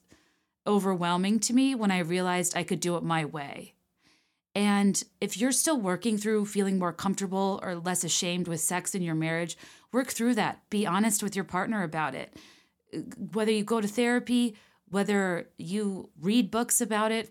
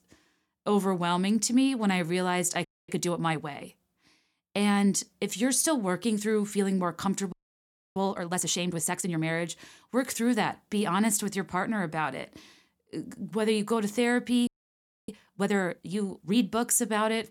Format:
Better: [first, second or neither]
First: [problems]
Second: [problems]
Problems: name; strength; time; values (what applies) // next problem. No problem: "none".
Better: first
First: none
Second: audio freezing; at 2.5 s, at 7.5 s for 0.5 s and at 14 s for 0.5 s